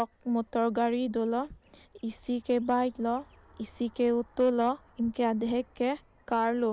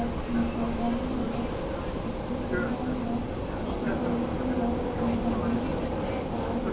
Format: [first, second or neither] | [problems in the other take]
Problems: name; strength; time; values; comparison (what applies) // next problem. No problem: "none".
first | background sound (Vehicle); 2 dB above the speech // room echo; dies away in 0.9 s